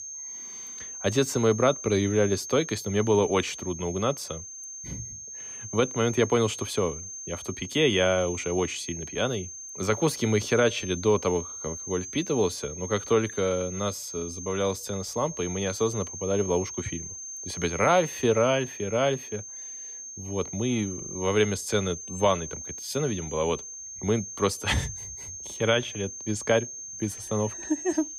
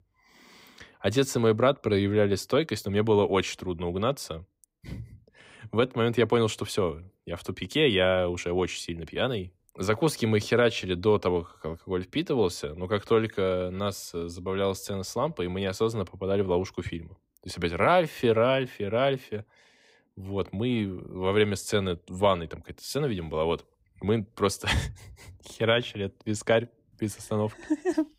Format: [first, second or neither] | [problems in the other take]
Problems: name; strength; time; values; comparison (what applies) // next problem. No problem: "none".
second | high-pitched whine; loud; throughout; 6.5 kHz, 9 dB below the speech